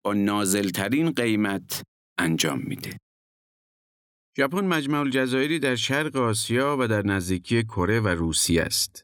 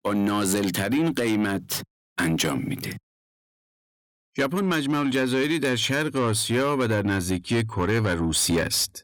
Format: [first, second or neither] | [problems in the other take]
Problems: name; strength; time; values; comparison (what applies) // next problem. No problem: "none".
first | distortion; slight; 10 dB below the speech